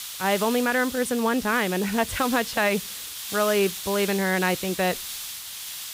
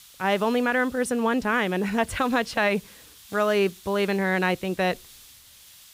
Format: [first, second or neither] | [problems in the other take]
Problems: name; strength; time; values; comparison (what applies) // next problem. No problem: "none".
second | hiss; loud; throughout; 8 dB below the speech; faint in the second